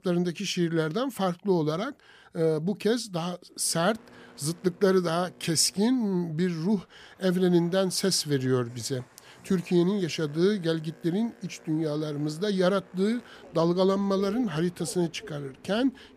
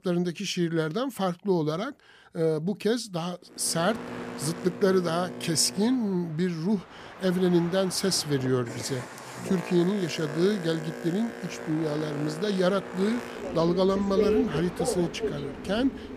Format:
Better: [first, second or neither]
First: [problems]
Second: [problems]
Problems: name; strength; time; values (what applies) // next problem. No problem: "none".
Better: first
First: train or aircraft noise; faint; from 3.5 s on; 25 dB below the speech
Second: train or aircraft noise; loud; from 3.5 s on; 8 dB below the speech